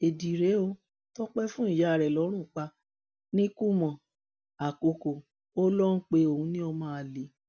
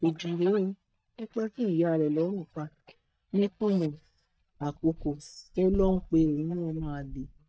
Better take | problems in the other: first | noise reduction (neural mask model DeepFilterNet 3)

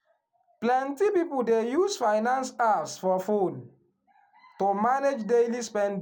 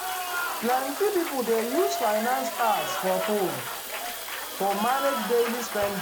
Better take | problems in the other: first | background sound (Applause + Fill (with liquid) / Water tap, faucet); 4 dB below the speech

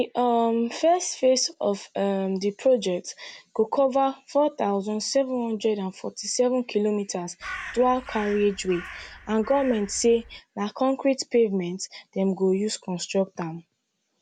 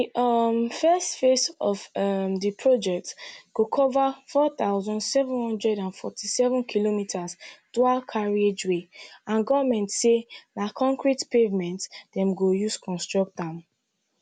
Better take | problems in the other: second | background sound (Crow); 15 dB below the speech

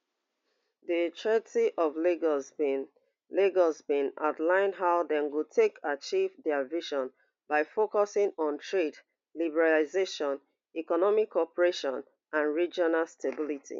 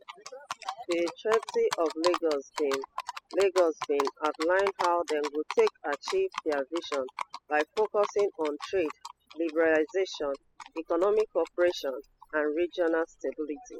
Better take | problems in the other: first | noise reduction (classical method spectral subtraction)

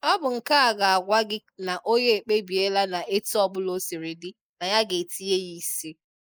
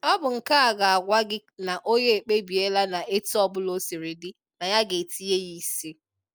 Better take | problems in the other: second | noise reduction (neural mask model Resemble Enhance denoiser)

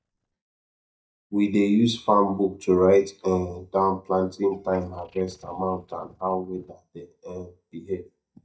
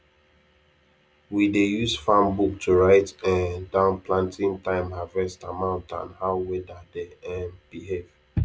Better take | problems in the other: second | noise reduction (neural mask model DeepFilterNet 3)

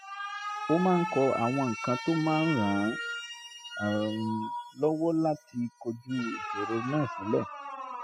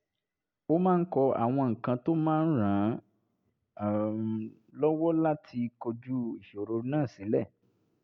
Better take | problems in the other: second | noise reduction (classical method spectral subtraction)

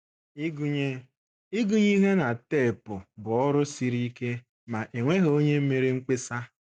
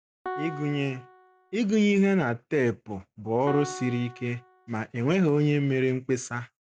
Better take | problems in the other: first | background sound (Piano); 16 dB below the speech

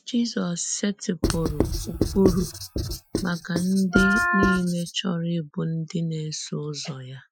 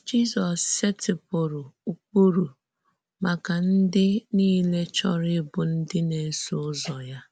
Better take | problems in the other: second | noise reduction (classical method Wiener filter)

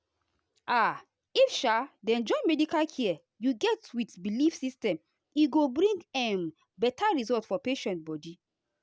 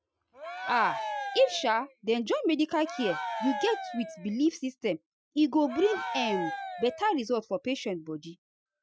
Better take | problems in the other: first | noise reduction (classical method Wiener filter)

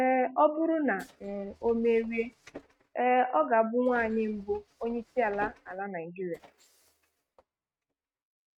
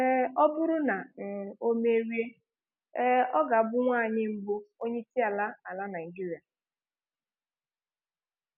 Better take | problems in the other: second | noise reduction (neural mask model RNNoise)

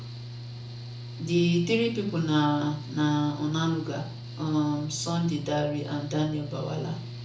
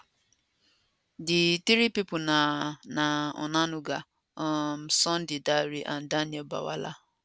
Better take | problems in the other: second | background sound (Mechanical fan / Engine); 10 dB below the speech // room echo; dies away in 0.6 s

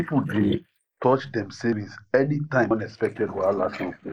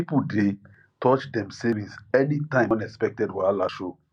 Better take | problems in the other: second | noise reduction (neural mask model Resemble Enhance denoiser)

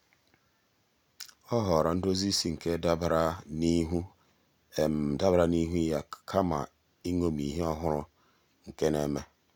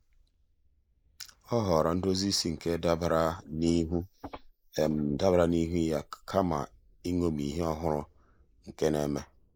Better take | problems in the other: first | noise reduction (neural mask model Resemble Enhance denoiser)

